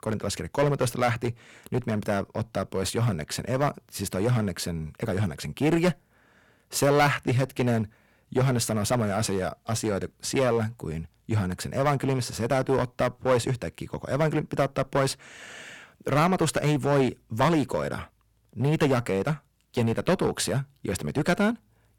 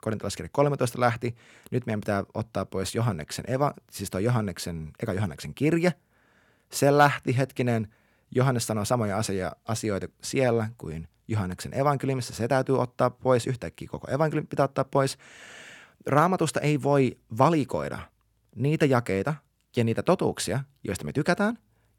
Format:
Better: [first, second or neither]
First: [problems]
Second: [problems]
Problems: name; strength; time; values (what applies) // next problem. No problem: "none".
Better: second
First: distortion; heavy; 5% of the sound clipped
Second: none